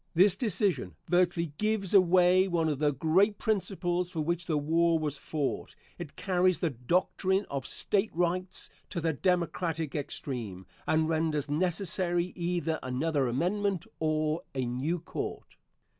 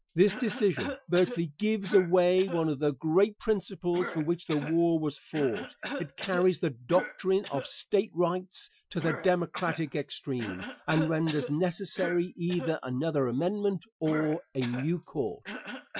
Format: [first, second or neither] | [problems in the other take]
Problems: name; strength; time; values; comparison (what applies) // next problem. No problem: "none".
first | noise reduction (classical method Wiener filter)